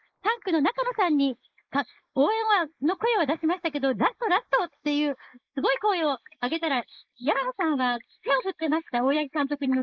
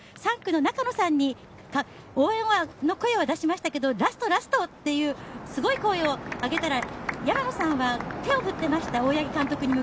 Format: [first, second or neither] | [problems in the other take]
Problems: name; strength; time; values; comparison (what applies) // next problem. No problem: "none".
second | noise reduction (neural mask model Resemble Enhance denoiser)